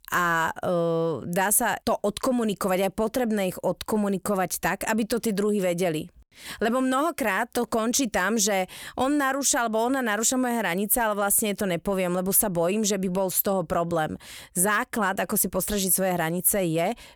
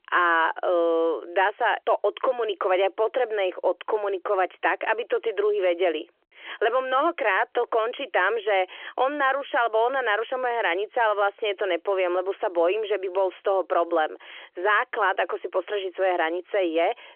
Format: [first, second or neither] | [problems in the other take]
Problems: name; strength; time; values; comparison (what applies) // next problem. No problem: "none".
first | phone-call audio; nothing above 3.5 kHz